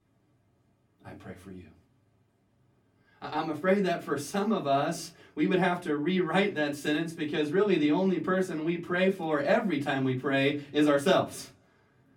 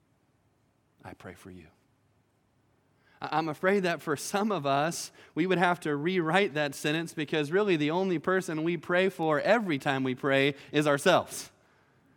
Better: second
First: off-mic speech; far // room echo; very slight; dies away in 0.3 s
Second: none

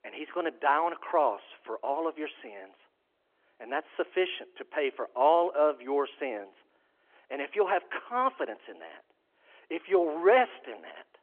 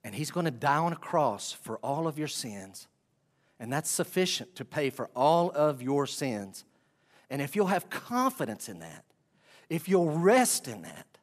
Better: second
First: phone-call audio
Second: none

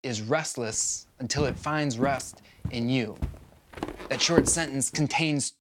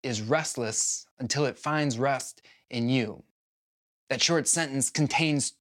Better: second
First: footsteps; loud; from 1.5 to 4.5 s; peak level with the speech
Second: none

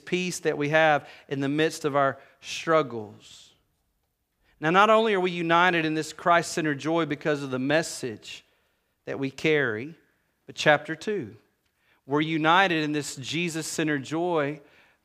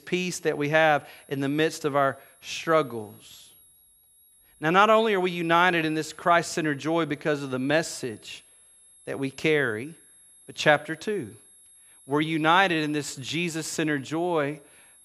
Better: first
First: none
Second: high-pitched whine; faint; throughout; 11 kHz, 30 dB below the speech

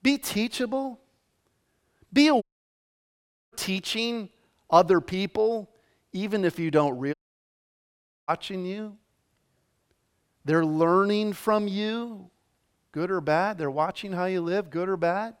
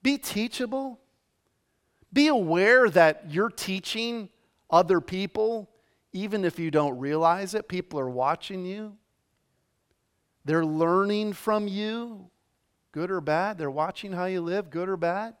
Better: second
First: audio cutting out; at 2.5 s for 1 s and at 7 s for 1 s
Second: none

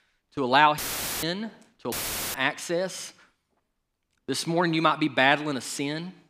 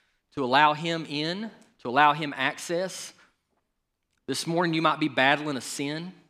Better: second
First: audio cutting out; filled with static; at 1 s and at 2 s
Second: none

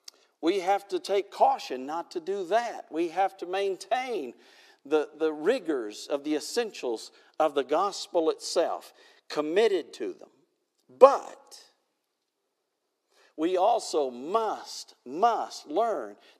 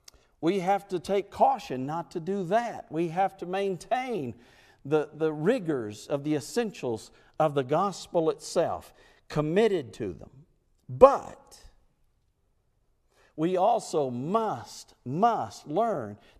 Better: second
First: thin; somewhat; fading below 300 Hz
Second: none

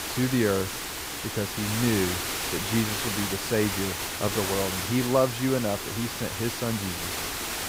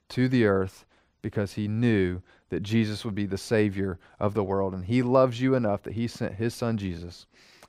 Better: second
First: hiss; loud; throughout; 1 dB below the speech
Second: none

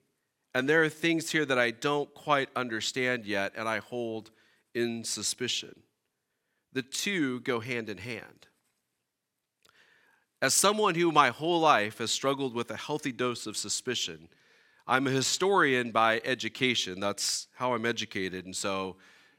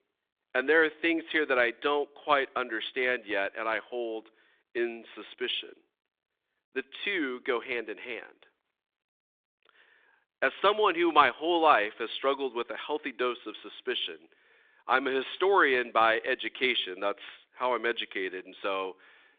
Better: first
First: none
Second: phone-call audio

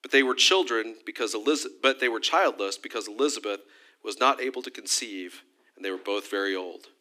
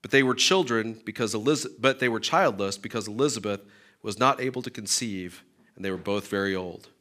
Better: second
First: thin; very slightly; fading below 250 Hz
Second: none

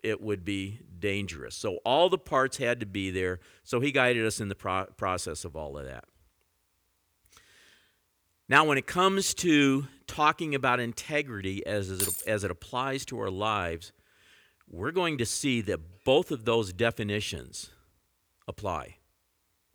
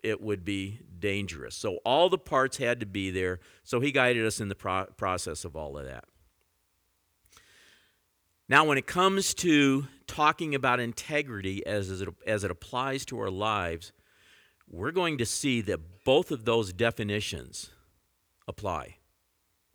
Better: second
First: jangling keys; noticeable; at 12 s; peak 1 dB below the speech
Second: none

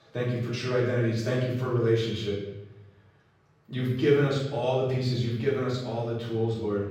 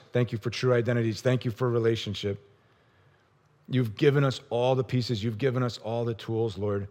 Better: second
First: off-mic speech; far // room echo; noticeable; dies away in 0.8 s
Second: none

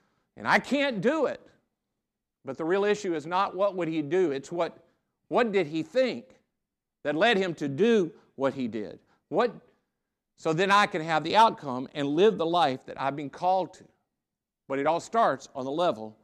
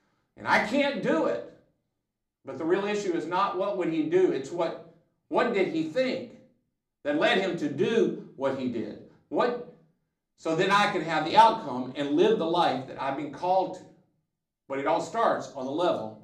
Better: first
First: none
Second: room echo; slight; dies away in 0.4 s // off-mic speech; far

